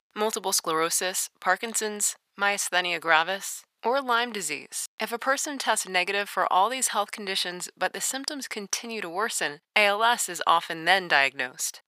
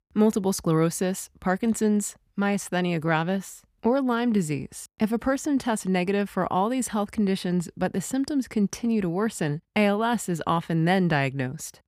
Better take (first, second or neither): second